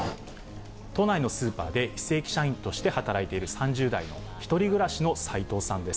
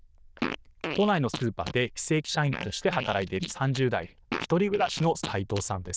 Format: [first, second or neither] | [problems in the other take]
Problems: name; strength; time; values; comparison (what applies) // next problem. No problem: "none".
first | noise reduction (neural diffusion model UNIVERSE++)